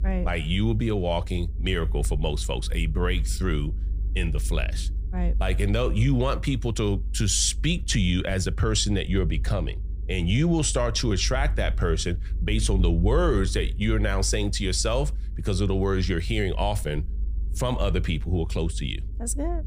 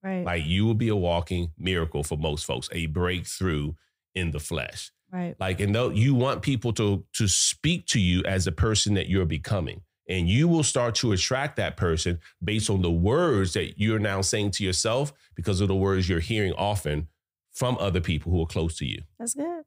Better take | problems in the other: second | low rumble; faint; throughout; 20 dB below the speech

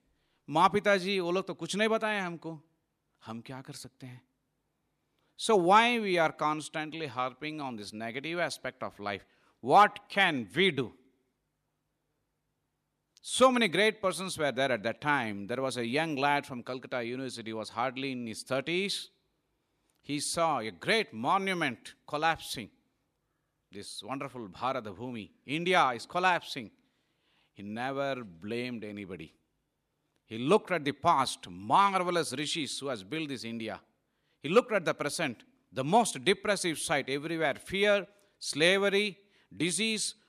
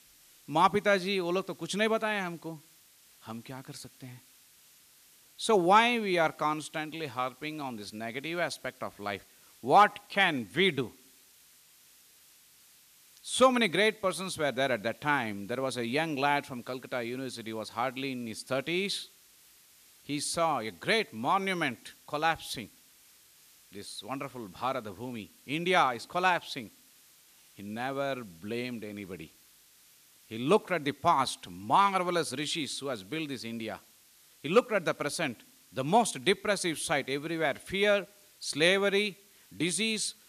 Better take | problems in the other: first | hiss; faint; throughout; 25 dB below the speech

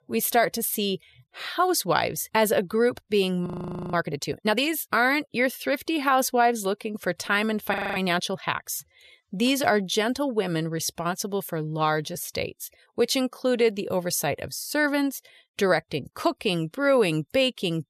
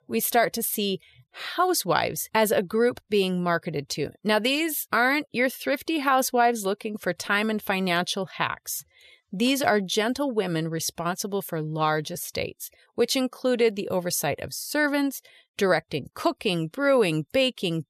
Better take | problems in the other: second | audio freezing; at 3.5 s and at 7.5 s

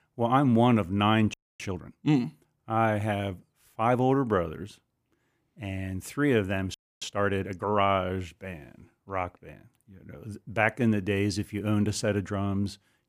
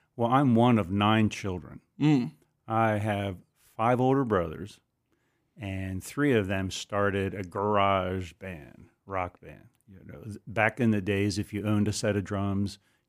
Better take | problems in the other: second | audio freezing; at 1.5 s and at 6.5 s

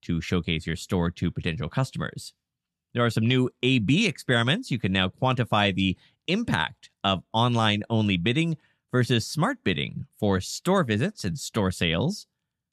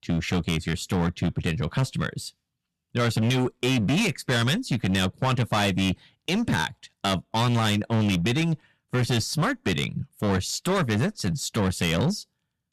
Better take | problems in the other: first | distortion; heavy; 16% of the sound clipped

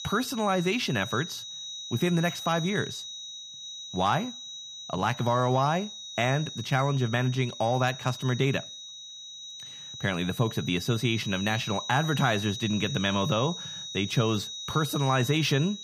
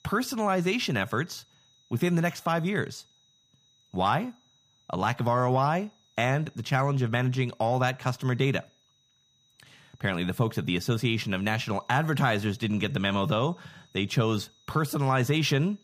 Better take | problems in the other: second | high-pitched whine; loud; throughout; 4 kHz, 9 dB below the speech; faint in the second

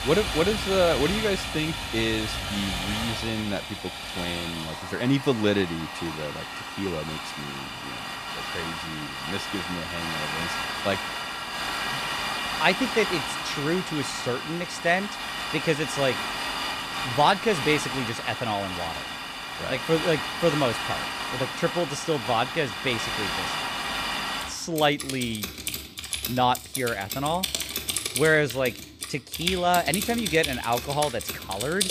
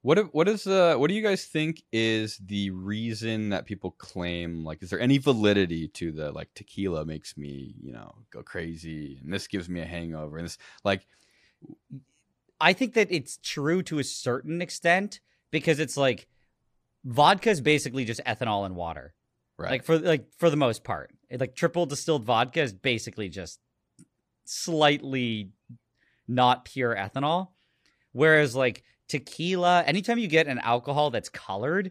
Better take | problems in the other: second | household noises; loud; throughout; 3 dB below the speech

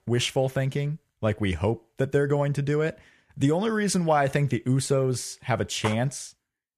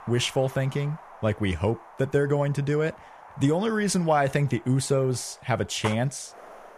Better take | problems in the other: first | wind noise on the microphone; occasional gusts; 20 dB below the speech

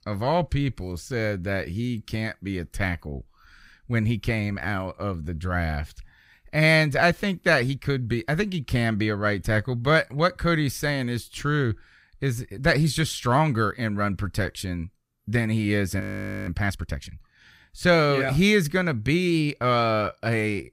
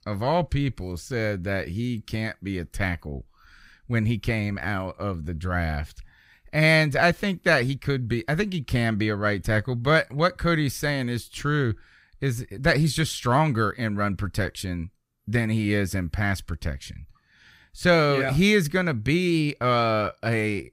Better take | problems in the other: second | audio freezing; at 16 s

